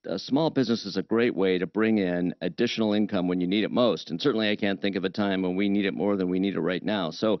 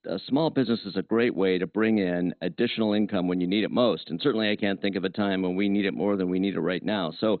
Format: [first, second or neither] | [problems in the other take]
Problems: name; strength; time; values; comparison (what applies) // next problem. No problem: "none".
first | garbled, watery; badly; nothing above 4 kHz; slightly in the first